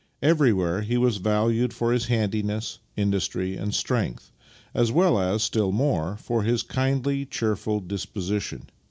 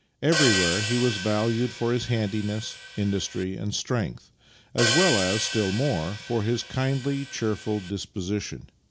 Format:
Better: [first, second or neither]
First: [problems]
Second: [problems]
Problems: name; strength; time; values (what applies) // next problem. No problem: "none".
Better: first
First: none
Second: background sound (Hi-hat); 4 dB below the speech